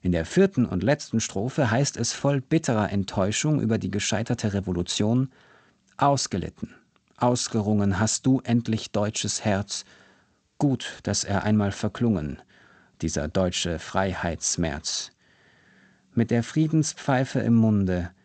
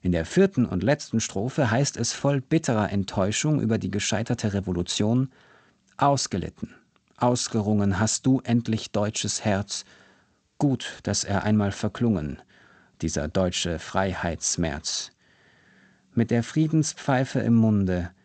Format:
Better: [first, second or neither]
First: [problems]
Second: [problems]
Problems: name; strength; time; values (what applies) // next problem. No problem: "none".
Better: neither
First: garbled, watery; slightly; nothing above 8 kHz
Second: garbled, watery; slightly; nothing above 8 kHz